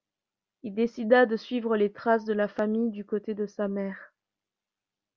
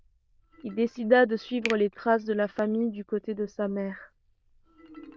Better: first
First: none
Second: noise reduction (neural diffusion model UNIVERSE++)

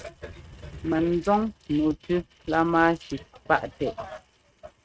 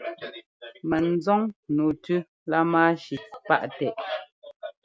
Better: second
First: noise reduction (neural mask model RNNoise)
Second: none

